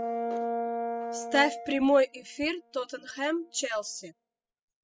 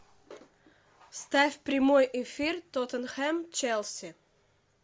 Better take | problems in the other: second | noise reduction (classical method spectral subtraction)

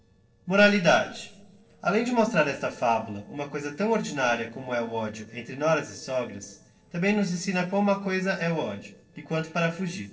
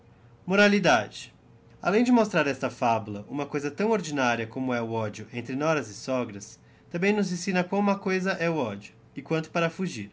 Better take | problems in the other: second | noise reduction (neural separator model SepFormer DNS4)

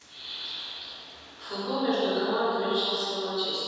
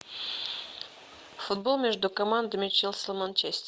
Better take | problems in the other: second | room echo; dies away in 2.1 s

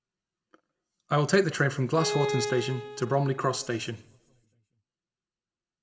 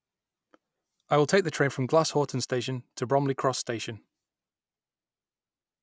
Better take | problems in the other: second | background sound (Bowed string instrument); 6 dB below the speech // room echo; dies away in 0.5 s

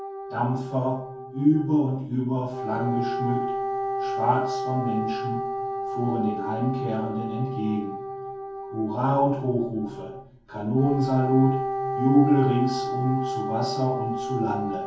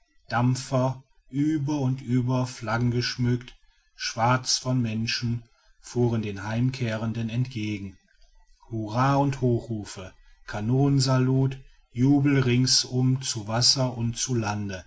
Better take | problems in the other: second | background sound (Wind instrument, woodwind instrument); 5 dB below the speech // room echo; dies away in 0.6 s

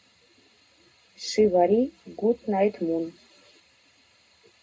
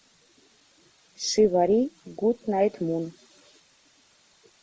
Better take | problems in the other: second | room echo; dies away in 0.2 s

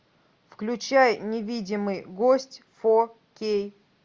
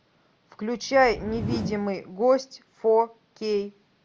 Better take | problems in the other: first | background sound (Whoosh, swoosh, swish); 11 dB below the speech

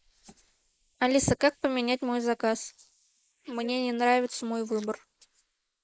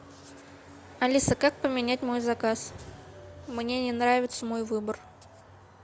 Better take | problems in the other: second | noise reduction (neural mask model Resemble Enhance denoiser)

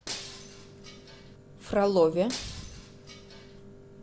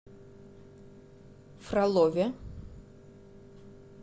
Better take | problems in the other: second | background sound (Shatter); 12 dB below the speech

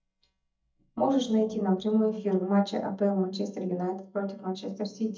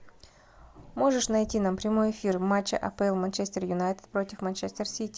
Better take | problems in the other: second | noise reduction (neural mask model DeepFilterNet 3)

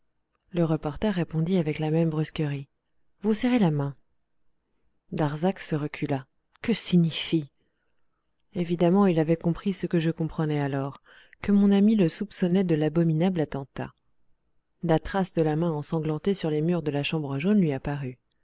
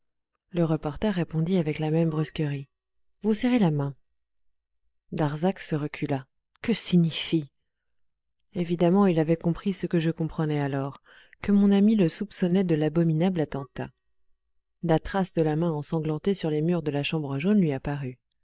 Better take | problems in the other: first | noise reduction (neural mask model DeepFilterNet 3)

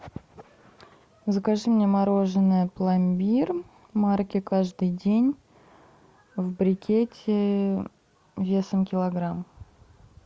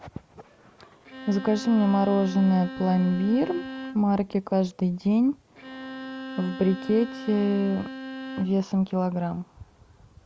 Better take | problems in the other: first | background sound (Bowed string instrument); 12 dB below the speech

